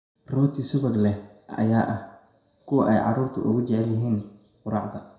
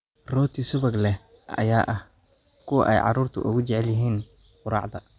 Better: second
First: room echo; dies away in 0.5 s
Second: none

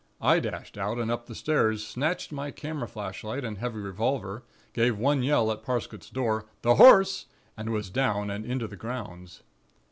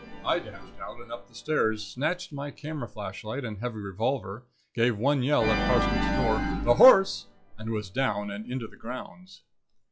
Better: first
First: none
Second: noise reduction (classical method log-MMSE)

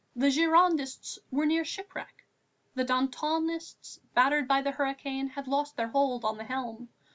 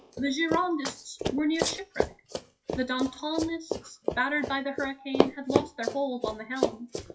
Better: first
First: none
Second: noise reduction (classical method WPE with log-MMSE)

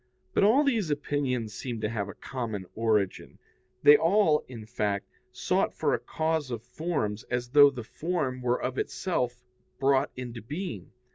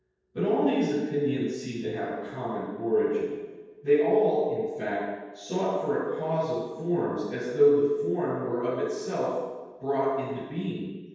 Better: first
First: none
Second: room echo; dies away in 1.2 s

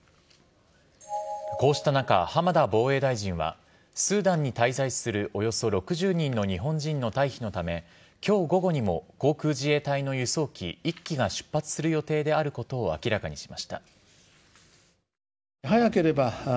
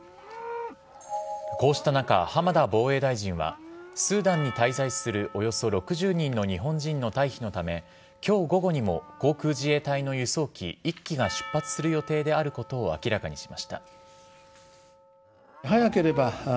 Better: first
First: none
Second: background sound (Livestock, farm animals, working animals + Percussion); 17 dB below the speech

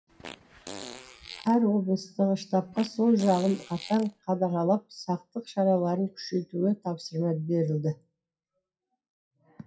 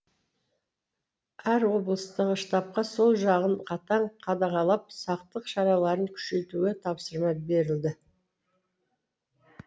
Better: second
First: noise reduction (classical method WPE with log-MMSE)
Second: none

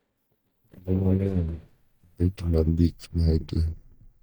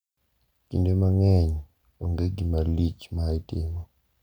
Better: second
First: noise reduction (neural mask model DeepFilterNet 3)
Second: none

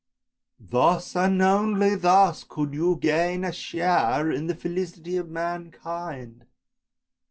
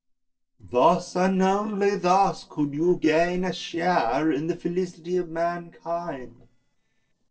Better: first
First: none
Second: noise reduction (neural separator model SepFormer DNS4)

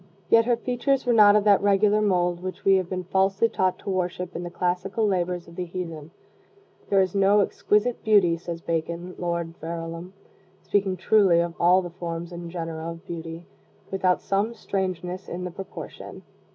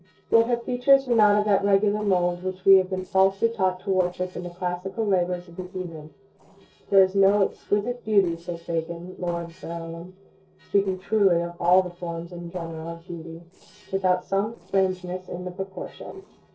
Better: first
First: none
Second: noise reduction (neural separator model SepFormer DNS4)

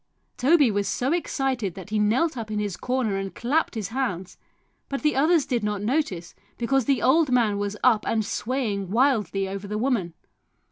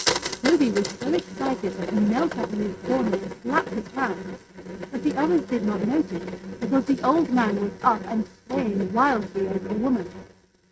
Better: first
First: none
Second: noise reduction (neural mask model RNNoise)

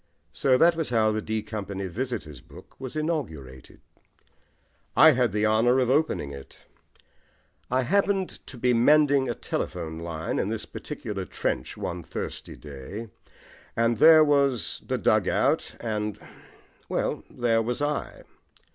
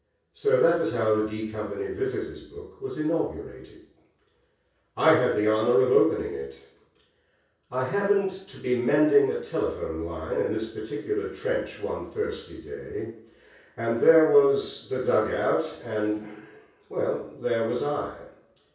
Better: first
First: none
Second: room echo; dies away in 0.6 s

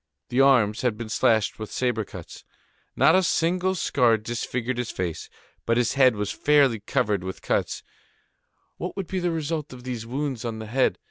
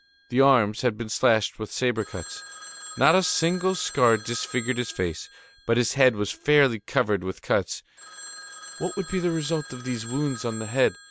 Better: first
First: none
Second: background sound (Telephone); 17 dB below the speech

